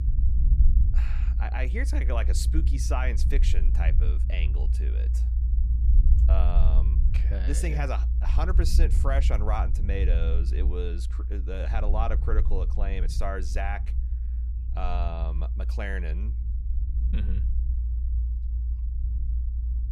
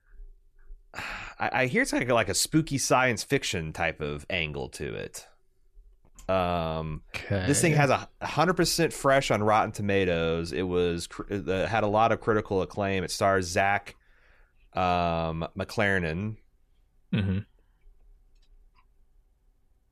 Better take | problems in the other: second | low rumble; noticeable; throughout; 10 dB below the speech

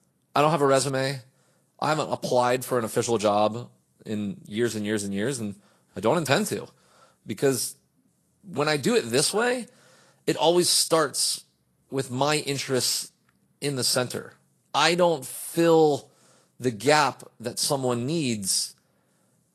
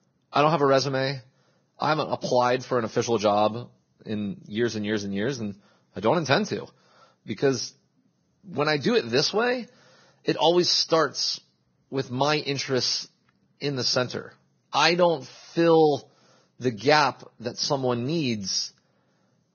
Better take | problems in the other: first | garbled, watery; badly; nothing above 6.5 kHz; slightly in the first

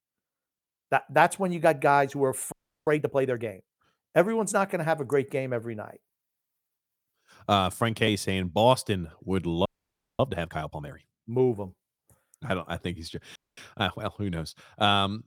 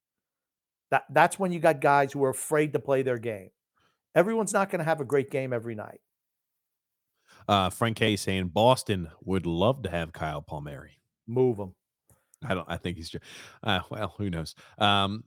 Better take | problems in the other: second | audio freezing; at 2.5 s, at 9.5 s for 0.5 s and at 13 s

